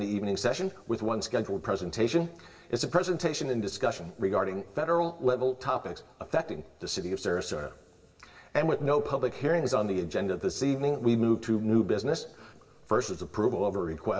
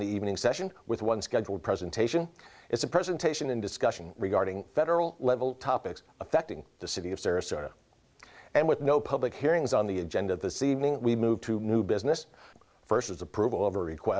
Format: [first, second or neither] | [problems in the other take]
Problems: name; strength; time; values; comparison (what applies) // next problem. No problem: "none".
second | room echo; dies away in 2 s